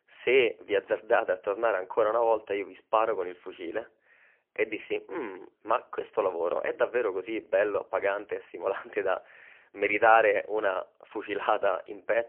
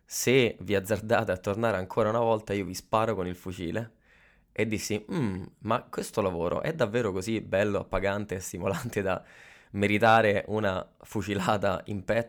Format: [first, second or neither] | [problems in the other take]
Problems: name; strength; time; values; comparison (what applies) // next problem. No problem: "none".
second | phone-call audio; poor line; nothing above 3 kHz